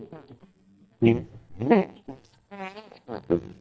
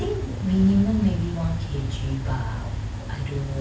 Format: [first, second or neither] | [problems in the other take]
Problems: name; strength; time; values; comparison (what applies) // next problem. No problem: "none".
second | noise reduction (neural mask model DeepFilterNet 3)